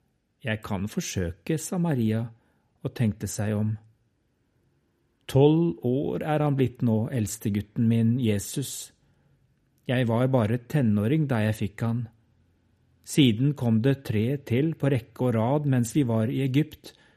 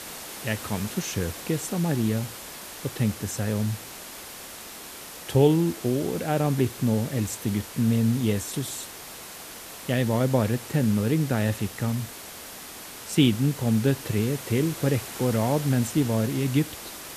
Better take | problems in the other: first | hiss; noticeable; throughout; 10 dB below the speech

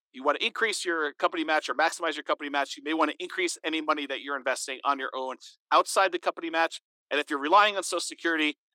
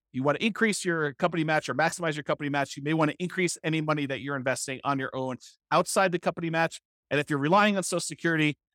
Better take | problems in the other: second | thin; somewhat; fading below 300 Hz

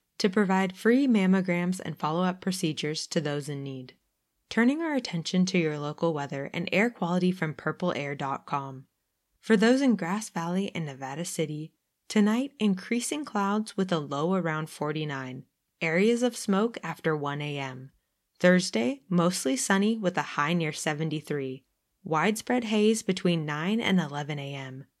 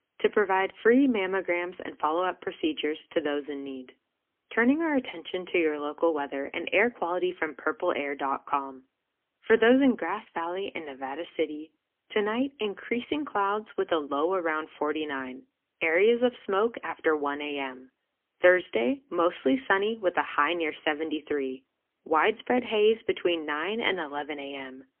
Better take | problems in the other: first | phone-call audio; poor line; nothing above 3.5 kHz

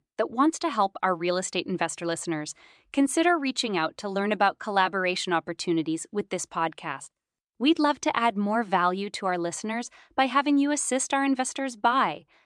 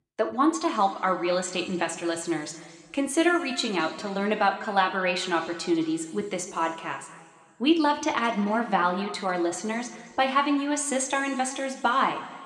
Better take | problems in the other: first | room echo; slight; dies away in 1.6 s

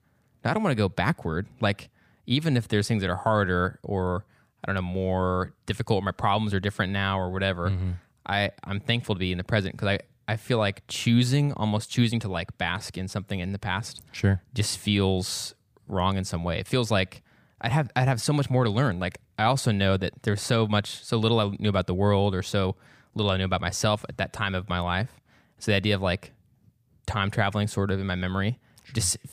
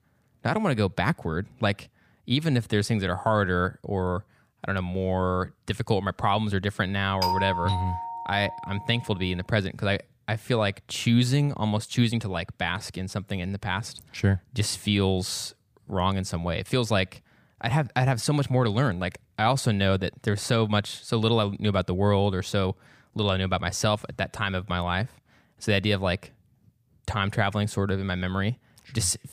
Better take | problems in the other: first | doorbell; loud; from 7 to 9 s; peak level with the speech

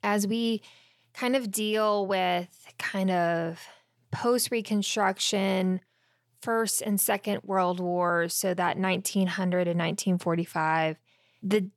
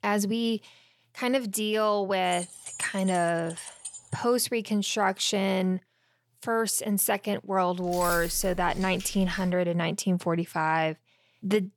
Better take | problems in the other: first | jangling keys; noticeable; from 2.5 to 4 s and from 8 to 9.5 s; peak 7 dB below the speech

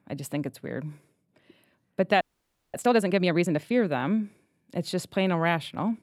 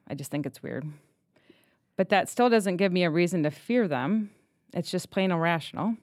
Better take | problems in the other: second | audio freezing; at 2 s for 0.5 s

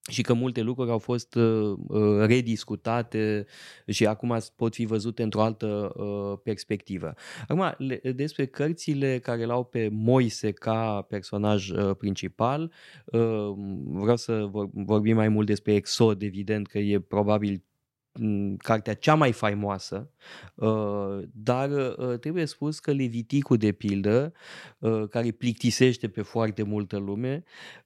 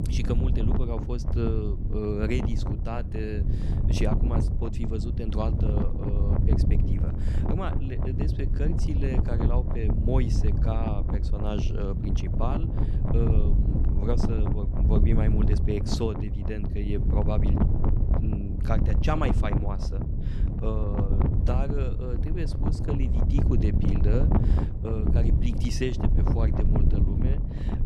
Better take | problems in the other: first | wind noise on the microphone; heavy; 2 dB below the speech

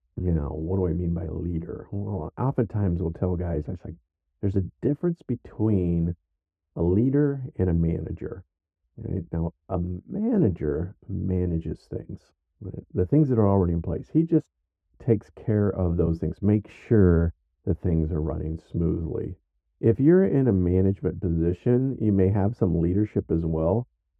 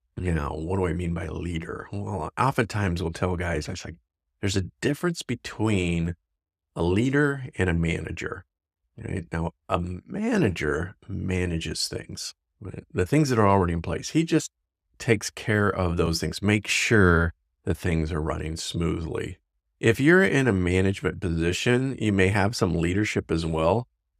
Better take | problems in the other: second | muffled; very; fading above 1.5 kHz

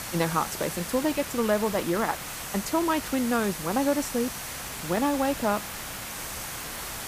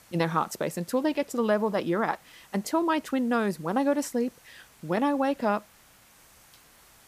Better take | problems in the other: second | hiss; loud; throughout; 7 dB below the speech; faint in the second

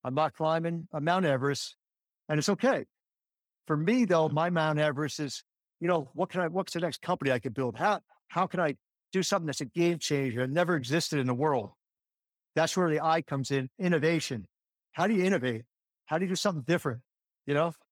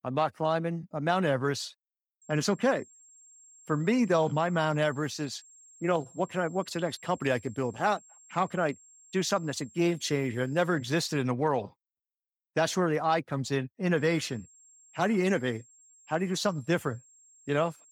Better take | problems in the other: first | high-pitched whine; faint; from 2 to 11 s and from 14 s on; 7.5 kHz, 25 dB below the speech

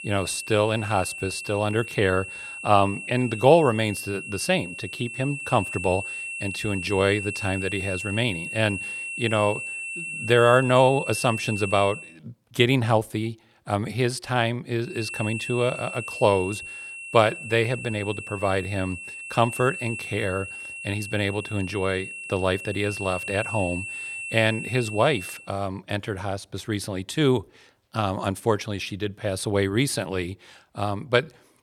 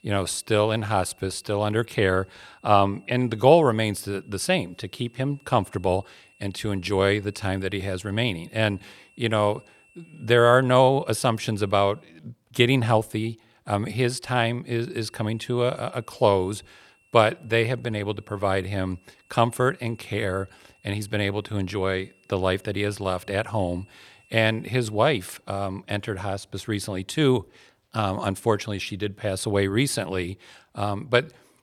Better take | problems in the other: second | high-pitched whine; loud; until 12 s and from 15 to 25 s; 2.5 kHz, 8 dB below the speech; faint in the second

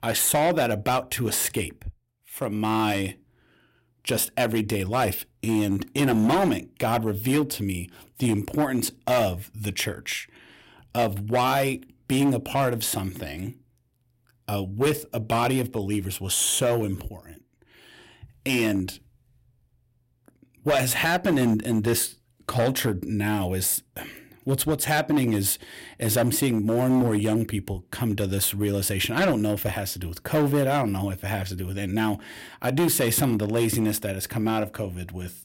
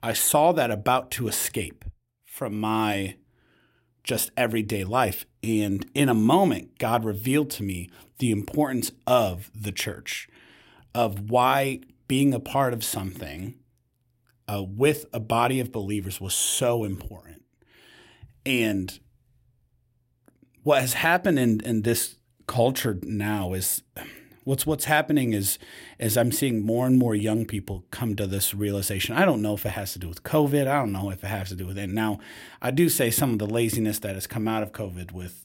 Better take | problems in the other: second | distortion; slight; 6% of the sound clipped

